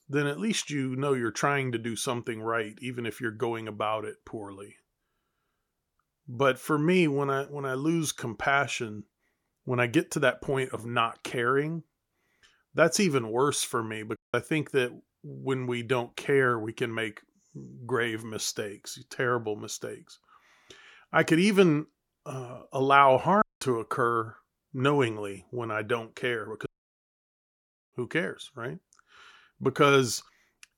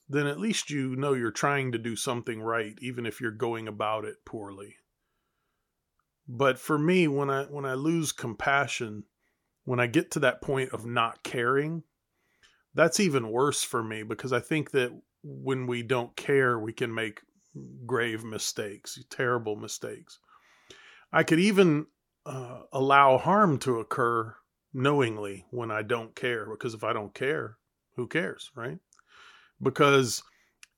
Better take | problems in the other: second | audio cutting out; at 14 s, at 23 s and at 27 s for 1.5 s

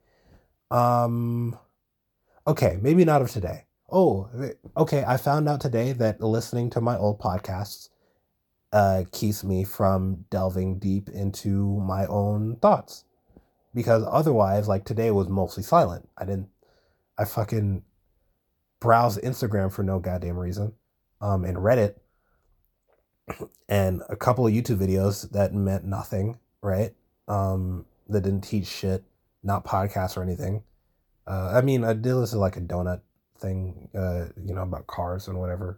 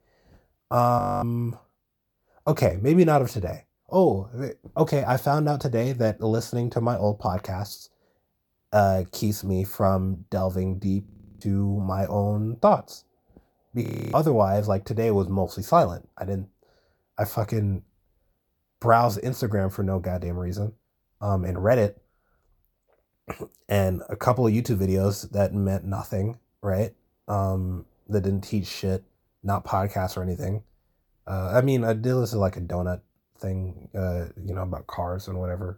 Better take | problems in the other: first | audio freezing; at 1 s, at 11 s and at 14 s

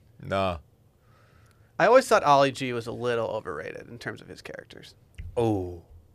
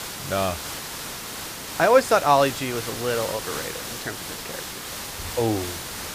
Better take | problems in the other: first | hiss; loud; throughout; 9 dB below the speech

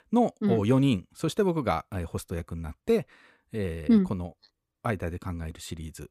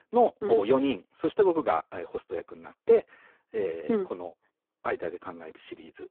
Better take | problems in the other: first | phone-call audio; poor line

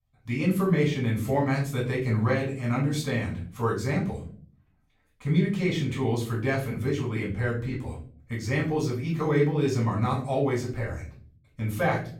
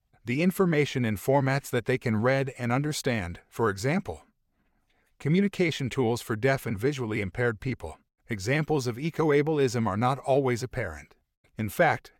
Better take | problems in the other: second | off-mic speech; far // room echo; slight; dies away in 0.5 s

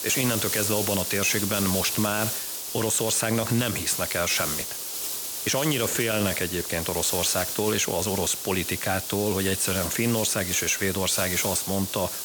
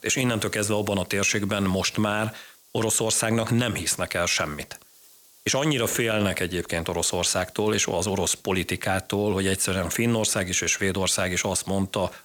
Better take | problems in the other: second | hiss; loud; throughout; 3 dB below the speech; faint in the second

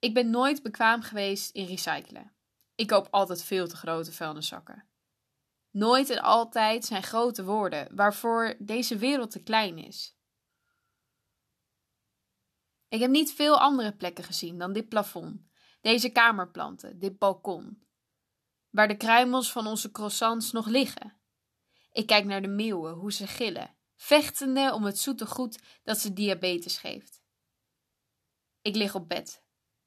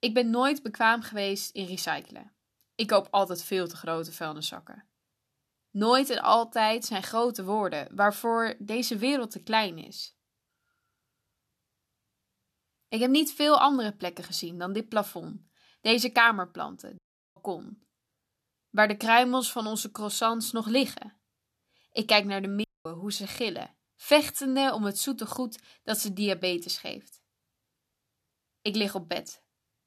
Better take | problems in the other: first | audio cutting out; at 17 s and at 23 s

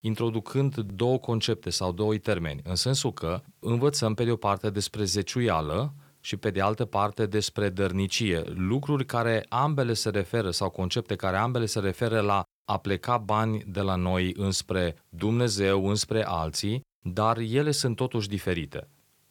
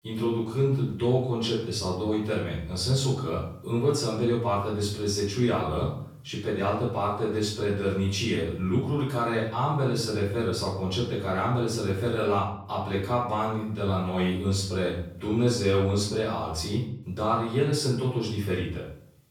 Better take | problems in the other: first | off-mic speech; far // room echo; noticeable; dies away in 0.5 s

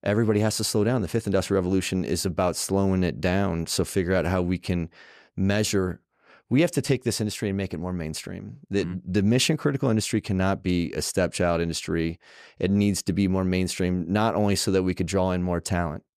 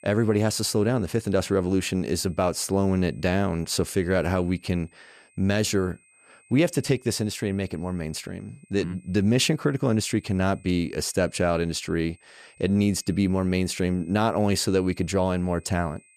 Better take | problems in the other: first | high-pitched whine; faint; throughout; 8.5 kHz, 30 dB below the speech

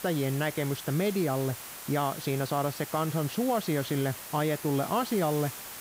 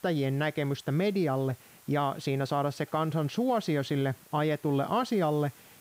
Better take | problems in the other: second | hiss; loud; throughout; 10 dB below the speech; faint in the second

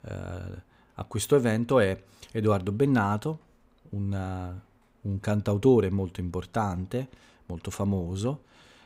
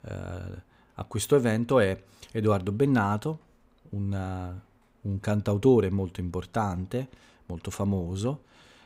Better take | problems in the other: neither | none

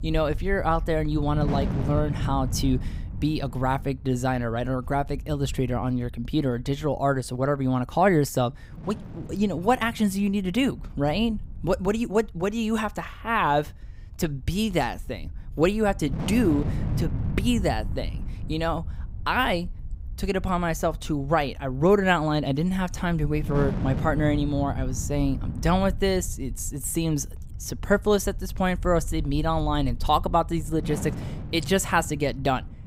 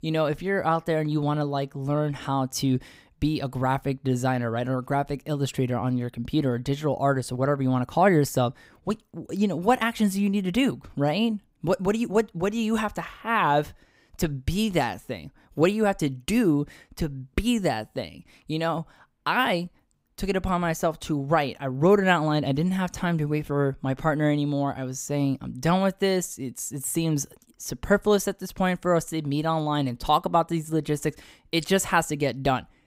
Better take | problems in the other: second | wind noise on the microphone; occasional gusts; 15 dB below the speech

